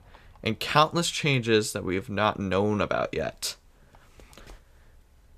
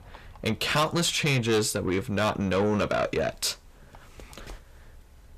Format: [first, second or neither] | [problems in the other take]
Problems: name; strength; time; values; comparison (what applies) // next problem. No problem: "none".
first | distortion; heavy; 6 dB below the speech